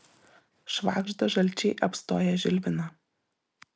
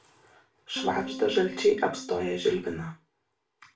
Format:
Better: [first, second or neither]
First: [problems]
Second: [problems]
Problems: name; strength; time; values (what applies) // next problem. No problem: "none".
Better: first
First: none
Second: background sound (Electric guitar / Strum); 11 dB below the speech // room echo; dies away in 0.3 s